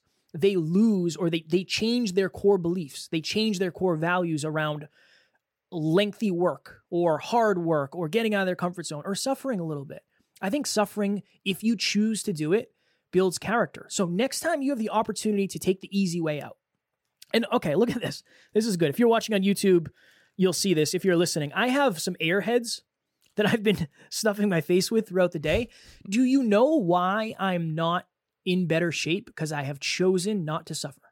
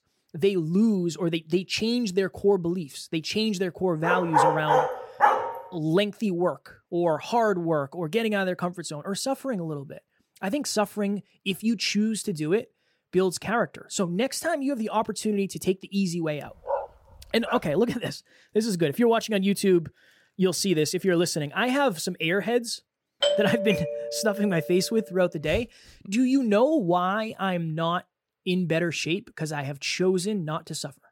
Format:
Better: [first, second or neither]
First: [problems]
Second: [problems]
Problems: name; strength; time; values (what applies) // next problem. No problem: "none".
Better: first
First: none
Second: dog barking; loud; from 4 to 5.5 s; peak 5 dB above the speech // dog barking; noticeable; at 17 s; peak 5 dB below the speech // doorbell; loud; from 23 to 25 s; peak 2 dB above the speech